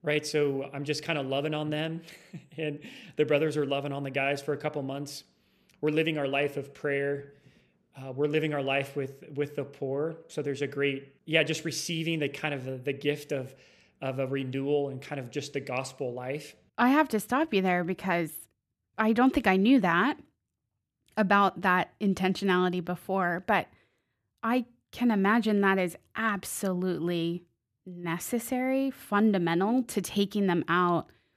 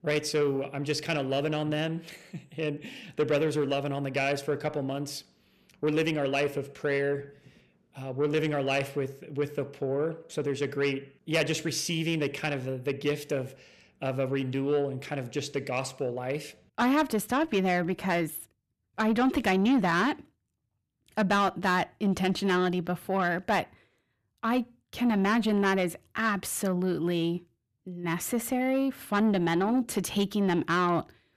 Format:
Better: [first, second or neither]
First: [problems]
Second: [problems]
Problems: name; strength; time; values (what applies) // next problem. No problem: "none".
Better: first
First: none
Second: distortion; slight; 10 dB below the speech